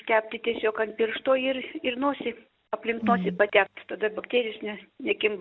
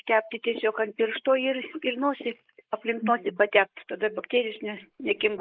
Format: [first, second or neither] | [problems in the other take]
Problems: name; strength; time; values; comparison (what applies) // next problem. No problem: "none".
first | noise reduction (neural mask model Resemble Enhance denoiser)